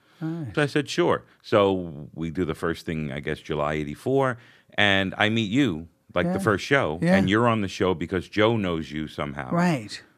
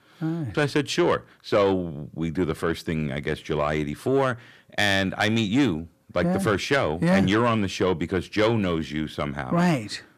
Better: first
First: none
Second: distortion; slight; 10 dB below the speech

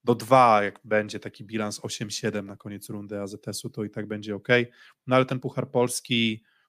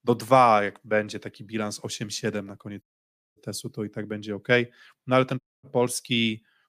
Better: first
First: none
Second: audio cutting out; at 3 s for 0.5 s and at 5.5 s

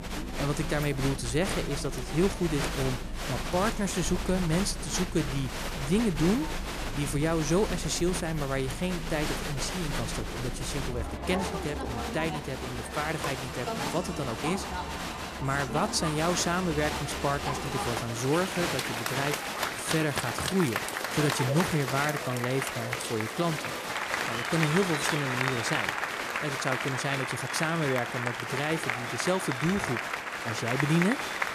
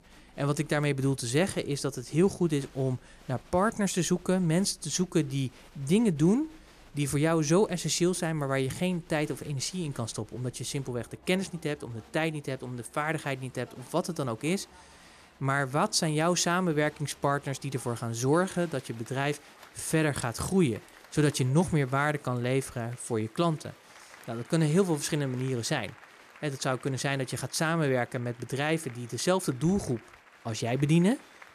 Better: second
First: crowd noise; loud; throughout; 2 dB below the speech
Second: crowd noise; faint; throughout; 25 dB below the speech

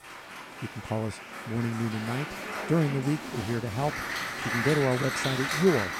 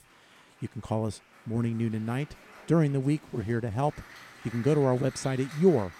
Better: second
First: crowd noise; loud; throughout; 4 dB below the speech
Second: crowd noise; faint; throughout; 20 dB below the speech

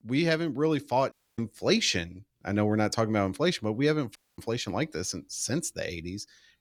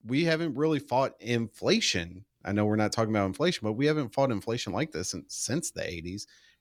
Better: second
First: audio cutting out; at 1 s and at 4 s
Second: none

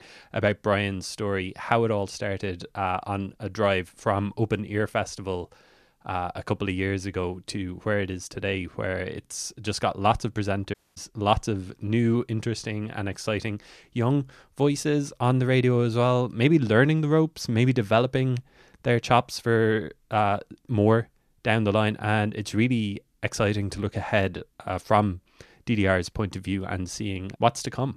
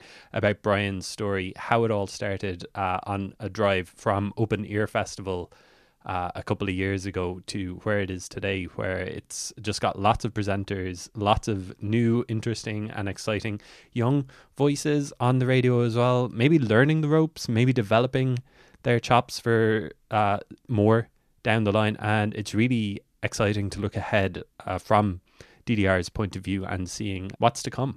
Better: second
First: audio cutting out; at 11 s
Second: none

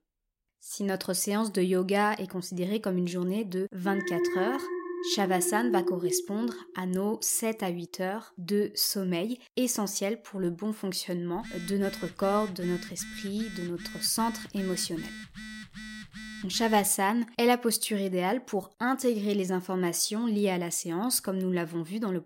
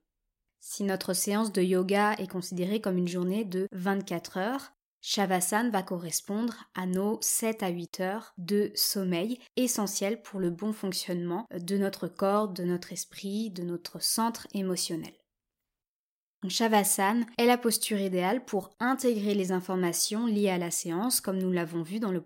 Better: second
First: alarm; loud; from 4 to 6.5 s; peak level with the speech // phone ringing; faint; from 11 to 17 s; peak 10 dB below the speech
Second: none

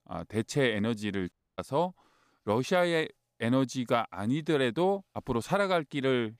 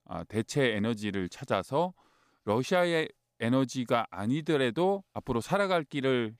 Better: second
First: audio cutting out; at 1.5 s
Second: none

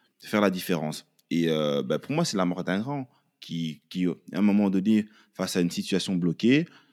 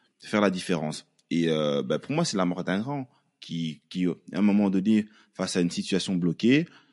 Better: first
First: none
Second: garbled, watery; slightly; nothing above 11 kHz

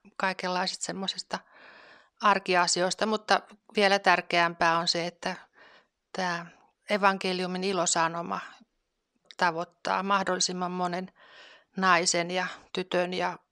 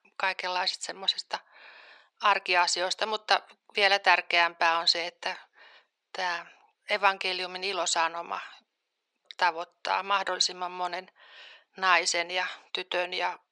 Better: first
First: none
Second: thin; very; fading below 450 Hz

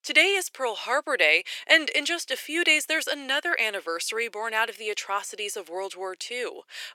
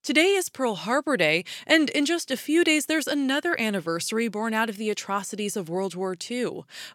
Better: second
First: thin; very; fading below 400 Hz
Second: none

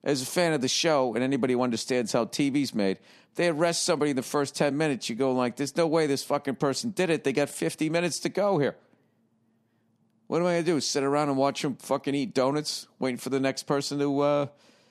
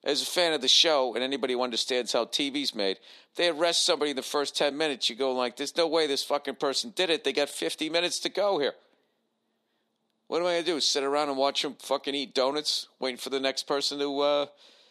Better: first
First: none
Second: thin; very slightly; fading below 450 Hz

